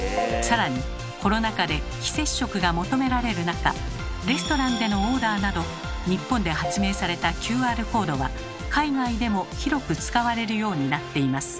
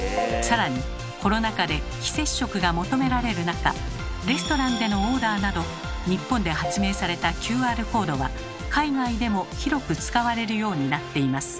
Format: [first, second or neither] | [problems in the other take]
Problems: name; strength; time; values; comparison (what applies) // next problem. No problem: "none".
first | background sound (Snare drum); 18 dB below the speech